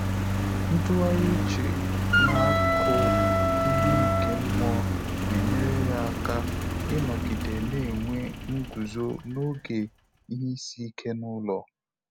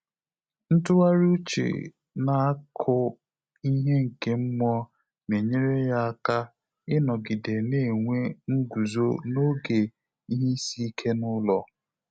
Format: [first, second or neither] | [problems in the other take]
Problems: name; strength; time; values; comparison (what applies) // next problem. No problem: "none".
second | background sound (Engine + Wind instrument, woodwind instrument); 4 dB above the speech